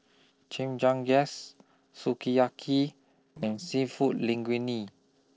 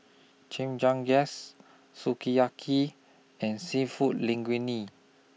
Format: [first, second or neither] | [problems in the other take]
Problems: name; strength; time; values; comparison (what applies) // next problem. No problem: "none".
second | noise reduction (neural separator model SepFormer DNS4)